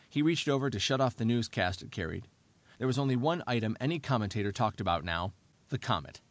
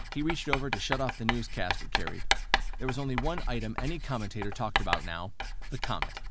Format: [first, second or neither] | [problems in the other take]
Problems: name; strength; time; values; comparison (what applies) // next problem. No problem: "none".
first | background sound (Writing); 3 dB above the speech